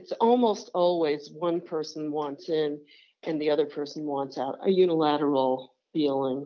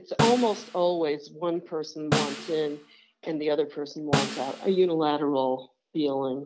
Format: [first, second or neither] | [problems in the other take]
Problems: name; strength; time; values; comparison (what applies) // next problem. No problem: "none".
first | background sound (Snare drum); 6 dB below the speech